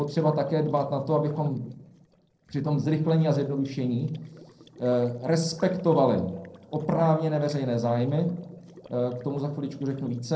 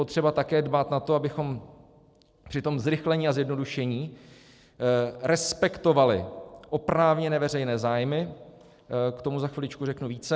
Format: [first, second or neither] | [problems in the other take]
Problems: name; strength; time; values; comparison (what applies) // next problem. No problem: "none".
second | noise reduction (neural separator model SepFormer DNS4)